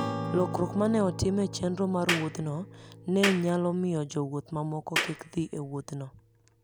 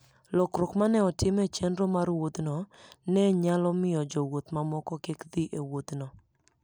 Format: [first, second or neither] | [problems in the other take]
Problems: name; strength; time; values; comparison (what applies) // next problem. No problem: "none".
second | background sound (Clapping + Acoustic guitar / Strum); 7 dB below the speech